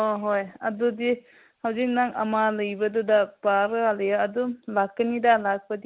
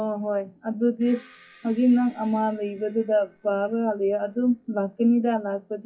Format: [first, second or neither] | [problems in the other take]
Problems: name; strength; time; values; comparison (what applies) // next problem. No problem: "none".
first | noise reduction (classical method WPE with log-MMSE)